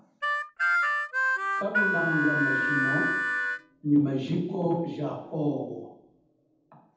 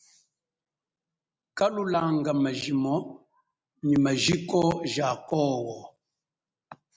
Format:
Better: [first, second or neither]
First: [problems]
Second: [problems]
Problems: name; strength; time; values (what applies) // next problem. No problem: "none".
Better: second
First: background sound (Harmonica); 4 dB above the speech // room echo; dies away in 0.8 s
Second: none